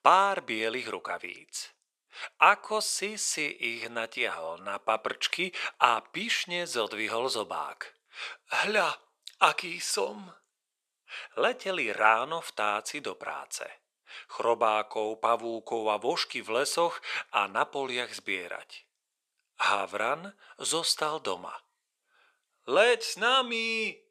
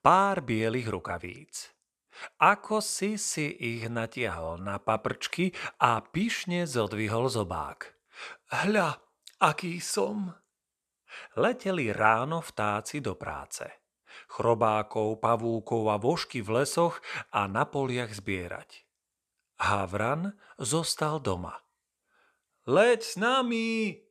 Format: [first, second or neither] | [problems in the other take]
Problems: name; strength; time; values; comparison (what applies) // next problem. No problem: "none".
second | thin; somewhat; fading below 400 Hz